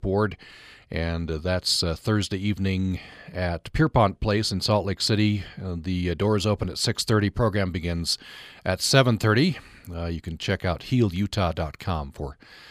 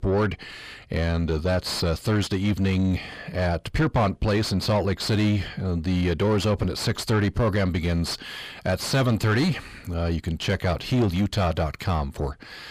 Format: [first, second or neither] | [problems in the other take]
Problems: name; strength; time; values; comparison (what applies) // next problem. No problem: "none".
first | distortion; heavy; 7 dB below the speech